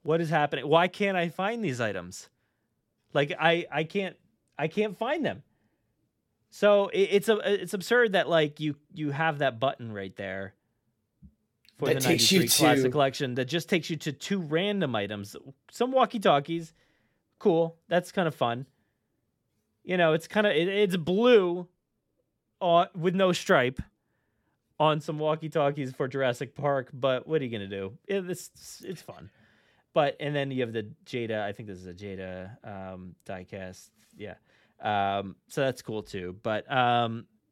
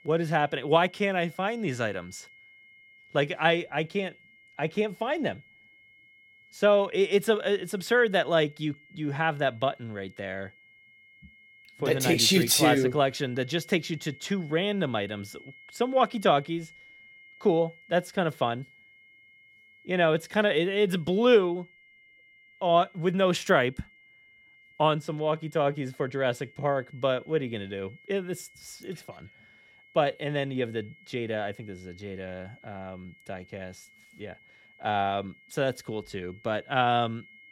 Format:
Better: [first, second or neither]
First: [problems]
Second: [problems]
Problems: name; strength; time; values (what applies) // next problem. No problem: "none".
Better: first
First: none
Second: high-pitched whine; faint; throughout; 2 kHz, 25 dB below the speech